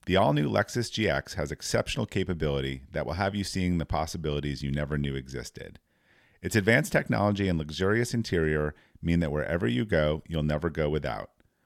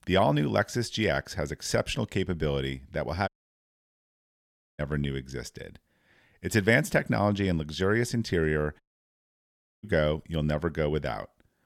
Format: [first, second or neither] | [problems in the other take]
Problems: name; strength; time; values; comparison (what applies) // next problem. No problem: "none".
first | audio cutting out; at 3.5 s for 1.5 s and at 9 s for 1 s